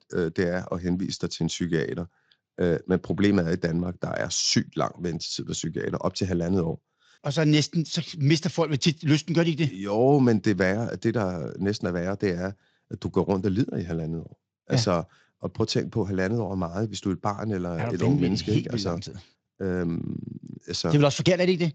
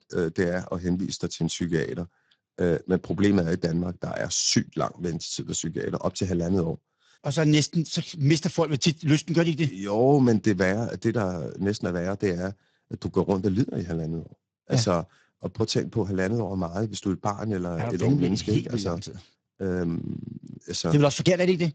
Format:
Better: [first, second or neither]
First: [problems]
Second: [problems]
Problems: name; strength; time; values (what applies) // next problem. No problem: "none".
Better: first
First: garbled, watery; slightly; nothing above 17.5 kHz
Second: garbled, watery; badly; nothing above 7.5 kHz